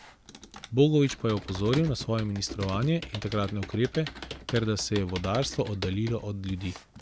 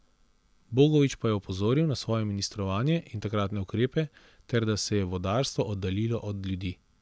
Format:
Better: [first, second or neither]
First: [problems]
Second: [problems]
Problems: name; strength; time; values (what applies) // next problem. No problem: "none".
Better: second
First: background sound (Computer keyboard); 13 dB below the speech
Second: none